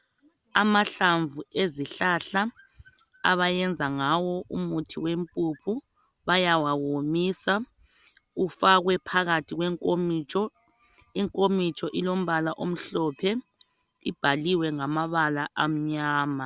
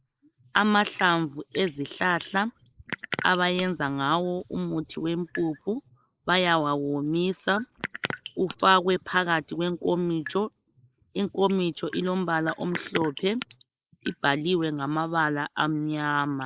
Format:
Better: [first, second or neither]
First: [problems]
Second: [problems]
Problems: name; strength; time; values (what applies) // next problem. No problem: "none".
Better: first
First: none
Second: noise reduction (neural mask model Resemble Enhance denoiser)